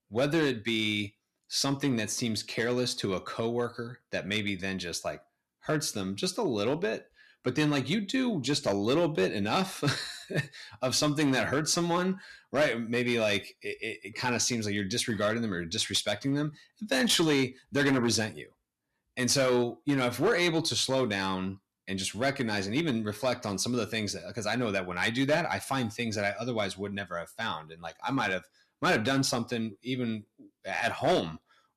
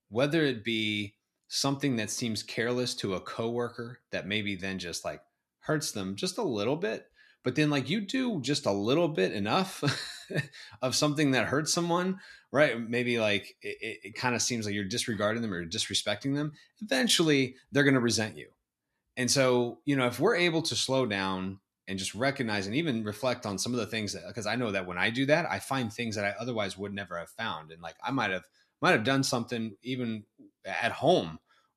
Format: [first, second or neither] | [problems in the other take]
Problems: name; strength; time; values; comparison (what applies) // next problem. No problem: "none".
second | distortion; slight; 3% of the sound clipped